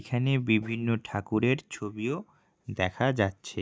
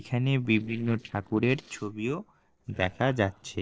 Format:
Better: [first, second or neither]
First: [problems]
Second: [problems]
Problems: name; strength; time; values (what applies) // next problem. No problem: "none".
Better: first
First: none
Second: noise reduction (neural separator model SepFormer DNS4)